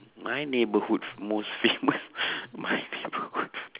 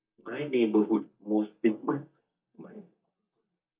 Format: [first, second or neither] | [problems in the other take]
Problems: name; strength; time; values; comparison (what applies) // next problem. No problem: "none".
first | noise reduction (neural mask model DeepFilterNet 3)